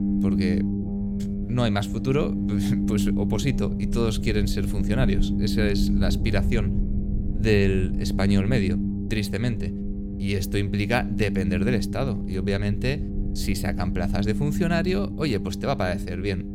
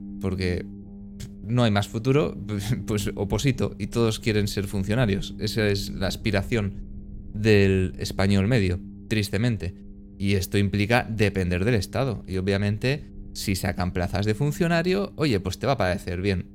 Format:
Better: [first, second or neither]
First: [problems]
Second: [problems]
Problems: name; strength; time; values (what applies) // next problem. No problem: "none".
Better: second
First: low rumble; loud; throughout; 6 dB below the speech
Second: low rumble; faint; throughout; 20 dB below the speech